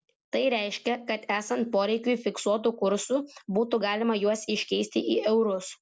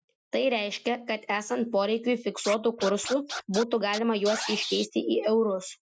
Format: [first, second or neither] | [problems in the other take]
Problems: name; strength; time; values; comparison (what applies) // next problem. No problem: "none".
first | noise reduction (classical method Wiener filter)